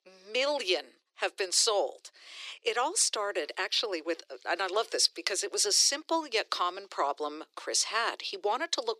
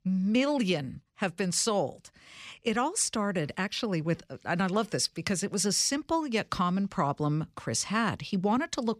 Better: second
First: thin; very; fading below 350 Hz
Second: none

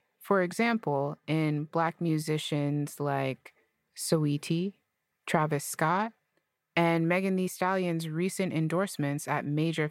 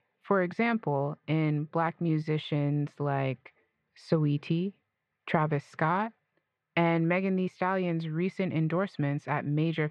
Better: first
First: none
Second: muffled; slightly; fading above 3.5 kHz

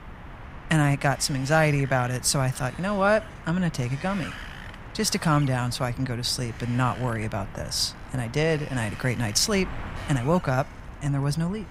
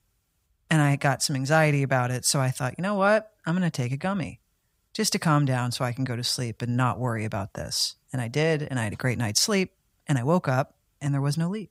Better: second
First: wind noise on the microphone; occasional gusts; 15 dB below the speech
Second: none

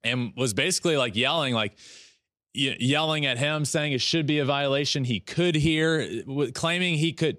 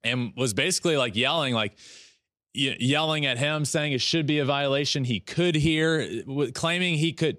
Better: neither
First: none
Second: none

